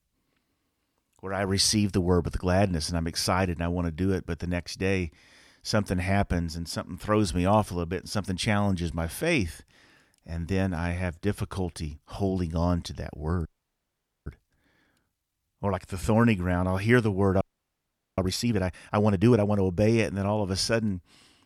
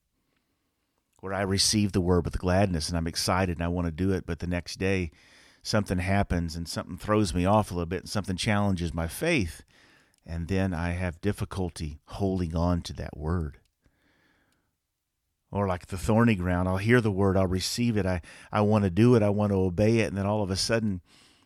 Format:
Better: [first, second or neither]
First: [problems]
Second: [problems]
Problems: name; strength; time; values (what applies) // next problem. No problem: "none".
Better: second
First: audio freezing; at 13 s for 1 s and at 17 s for 1 s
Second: none